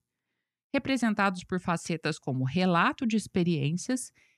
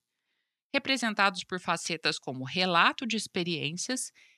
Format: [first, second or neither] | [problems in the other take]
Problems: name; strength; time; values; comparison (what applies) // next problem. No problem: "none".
first | thin; somewhat; fading below 1 kHz